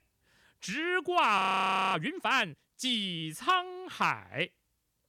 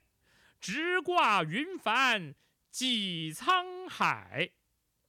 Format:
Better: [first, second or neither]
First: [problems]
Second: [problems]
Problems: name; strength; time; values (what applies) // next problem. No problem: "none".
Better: second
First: audio freezing; at 1.5 s for 0.5 s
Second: none